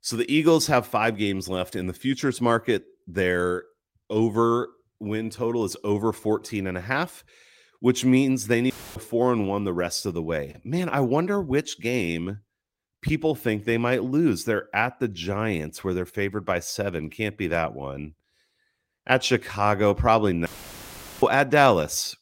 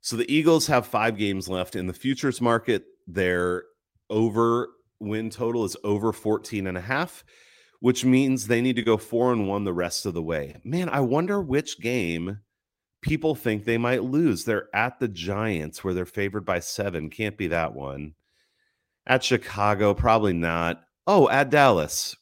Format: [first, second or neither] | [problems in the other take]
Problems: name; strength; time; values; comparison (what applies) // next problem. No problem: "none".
second | audio cutting out; filled with static; at 8.5 s and at 20 s for 1 s